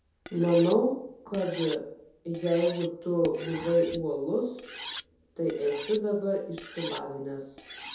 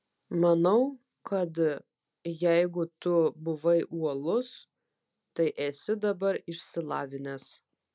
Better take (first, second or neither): second